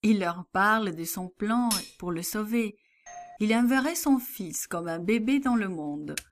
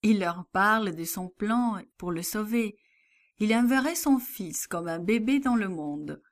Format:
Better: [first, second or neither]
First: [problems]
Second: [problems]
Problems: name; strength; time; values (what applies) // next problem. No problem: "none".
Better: second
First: clattering dishes; noticeable; at 1.5 s; peak 3 dB below the speech // doorbell; faint; at 3 s; peak 15 dB below the speech // keyboard typing; very faint; at 6 s; peak 10 dB below the speech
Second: none